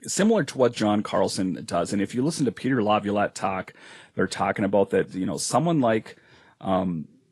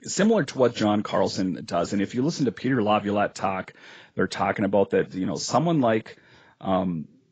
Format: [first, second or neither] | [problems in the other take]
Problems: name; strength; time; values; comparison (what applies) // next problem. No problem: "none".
first | garbled, watery; badly; nothing above 7.5 kHz; slightly in the first